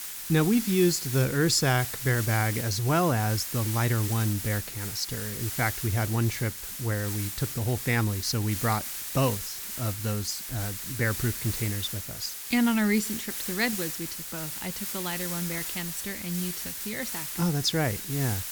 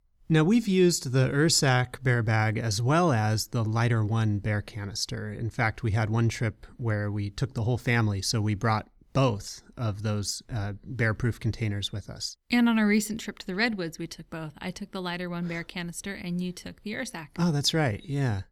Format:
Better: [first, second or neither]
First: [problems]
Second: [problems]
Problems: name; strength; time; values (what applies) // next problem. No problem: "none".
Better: second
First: hiss; loud; throughout; 5 dB below the speech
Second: none